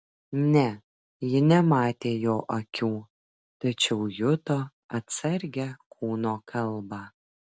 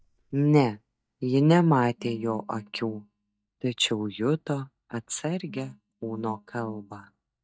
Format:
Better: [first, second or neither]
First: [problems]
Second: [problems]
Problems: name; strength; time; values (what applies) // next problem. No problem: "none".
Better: first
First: none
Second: noise reduction (neural mask model DeepFilterNet 3)